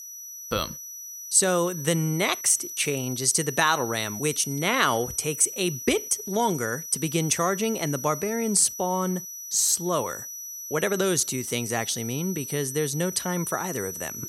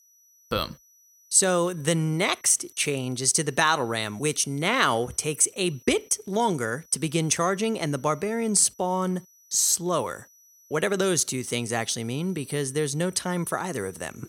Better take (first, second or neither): second